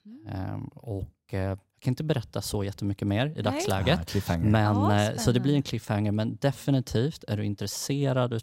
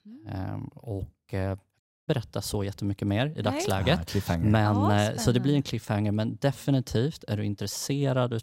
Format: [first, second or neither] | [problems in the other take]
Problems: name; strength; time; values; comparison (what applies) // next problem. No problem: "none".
first | audio cutting out; at 2 s